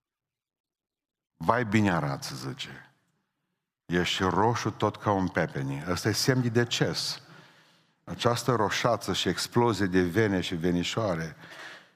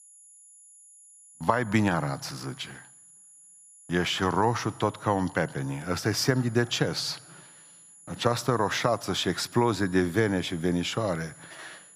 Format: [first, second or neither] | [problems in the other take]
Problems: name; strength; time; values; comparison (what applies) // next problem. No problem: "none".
first | high-pitched whine; faint; throughout; 10.5 kHz, 25 dB below the speech